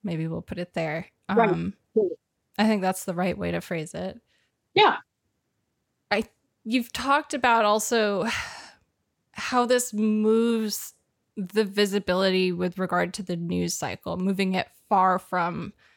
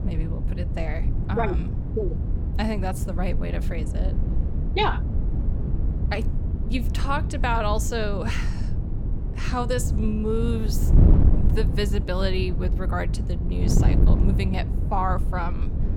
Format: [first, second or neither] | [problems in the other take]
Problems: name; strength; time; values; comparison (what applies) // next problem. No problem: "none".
first | wind noise on the microphone; heavy; 8 dB below the speech